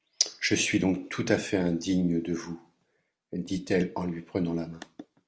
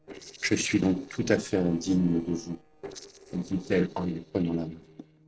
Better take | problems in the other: first | noise reduction (neural separator model SepFormer DNS4)

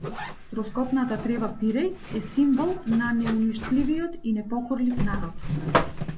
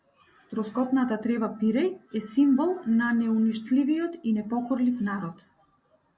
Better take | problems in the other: second | background sound (Zipper (clothing)); 5 dB below the speech

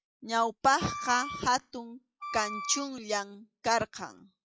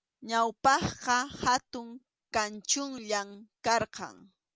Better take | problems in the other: second | noise reduction (classical method log-MMSE)

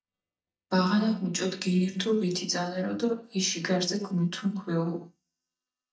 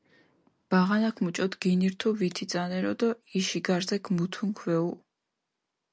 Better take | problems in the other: second | noise reduction (neural mask model DeepFilterNet 3)

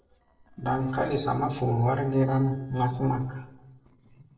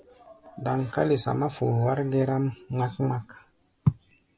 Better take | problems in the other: second | noise reduction (neural separator model SepFormer DNS4)

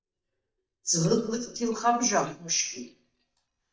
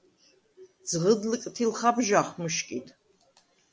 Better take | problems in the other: second | noise reduction (neural mask model DeepFilterNet 3)

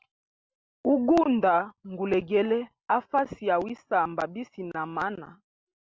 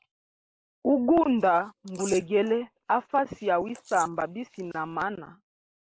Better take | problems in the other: first | noise reduction (neural mask model Resemble Enhance denoiser)

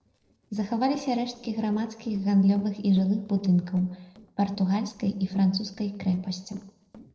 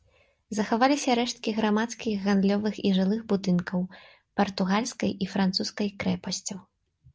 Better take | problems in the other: second | noise reduction (neural separator model SepFormer DNS4)

